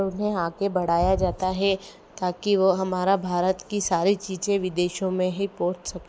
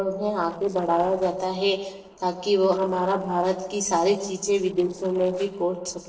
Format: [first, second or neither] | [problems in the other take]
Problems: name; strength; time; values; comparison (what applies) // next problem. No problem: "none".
first | noise reduction (neural separator model SepFormer DNS4)